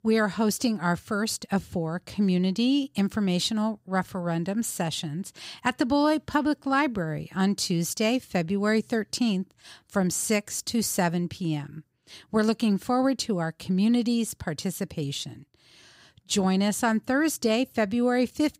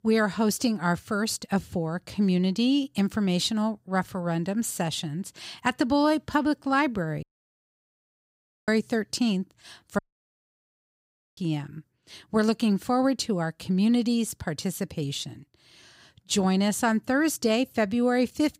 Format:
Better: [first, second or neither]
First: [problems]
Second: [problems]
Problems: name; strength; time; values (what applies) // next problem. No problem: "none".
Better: first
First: none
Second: audio cutting out; at 7 s for 1.5 s and at 10 s for 1.5 s